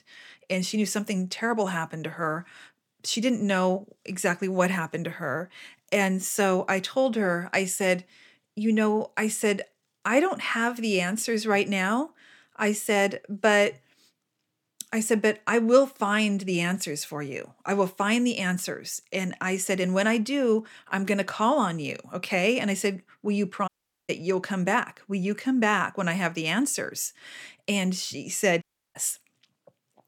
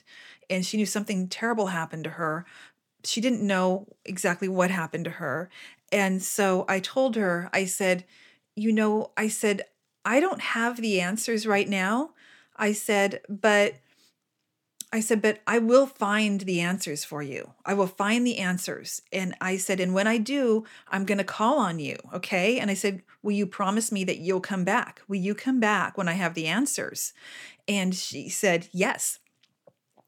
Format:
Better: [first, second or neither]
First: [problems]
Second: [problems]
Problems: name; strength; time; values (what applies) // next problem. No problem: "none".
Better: second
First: audio cutting out; at 24 s and at 29 s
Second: none